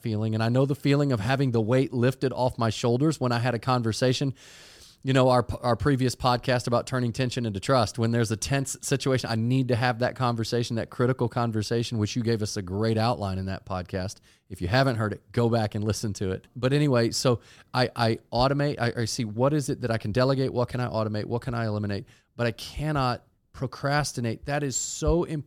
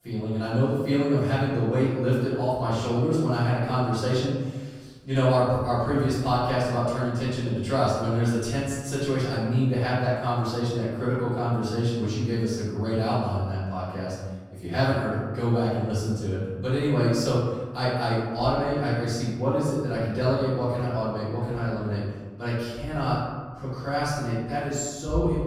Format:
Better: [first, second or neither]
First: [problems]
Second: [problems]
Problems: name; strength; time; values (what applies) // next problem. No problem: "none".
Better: first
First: none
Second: room echo; strong; dies away in 1.2 s // off-mic speech; far